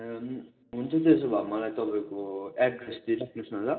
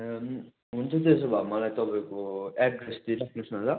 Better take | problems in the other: second | room echo; dies away in 0.6 s

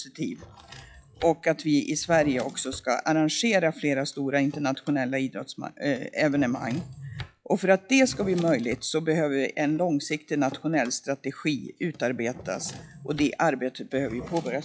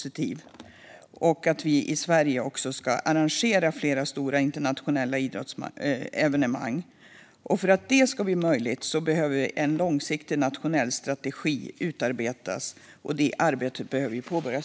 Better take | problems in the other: second | noise reduction (classical method log-MMSE)

